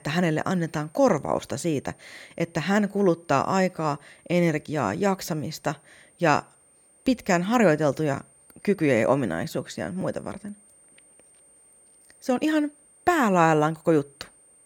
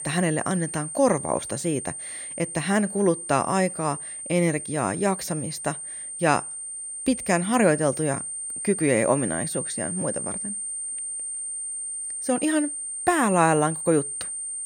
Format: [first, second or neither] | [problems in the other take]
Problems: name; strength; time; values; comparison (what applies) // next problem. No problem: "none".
first | high-pitched whine; loud; throughout; 9 kHz, 6 dB below the speech; faint in the first